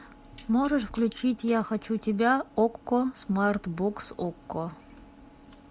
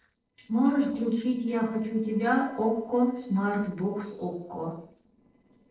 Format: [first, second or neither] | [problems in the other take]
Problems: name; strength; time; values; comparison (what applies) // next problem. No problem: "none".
first | noise reduction (neural separator model SepFormer DNS4)